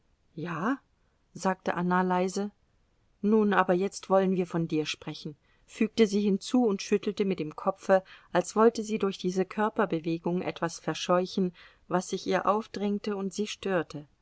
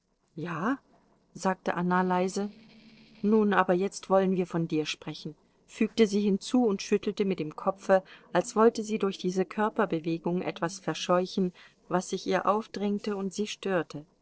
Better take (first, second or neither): first